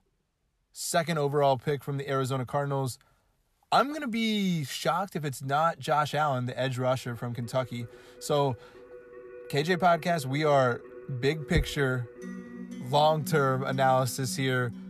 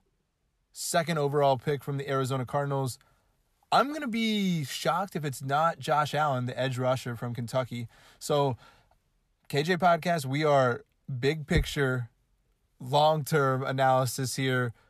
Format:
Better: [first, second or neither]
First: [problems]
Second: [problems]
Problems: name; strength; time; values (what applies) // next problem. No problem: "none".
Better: second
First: background music; noticeable; from 7 s on; 15 dB below the speech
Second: none